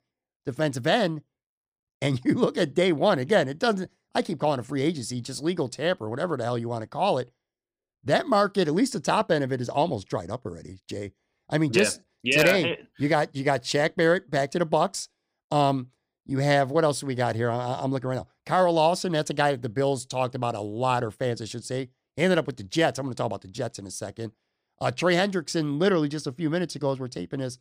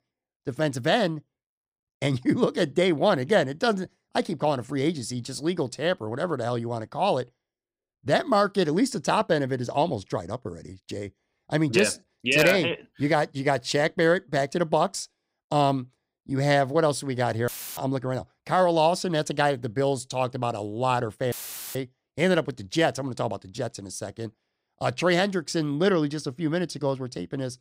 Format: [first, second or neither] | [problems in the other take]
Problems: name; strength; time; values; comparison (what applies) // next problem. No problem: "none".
first | audio cutting out; filled with static; at 17 s and at 21 s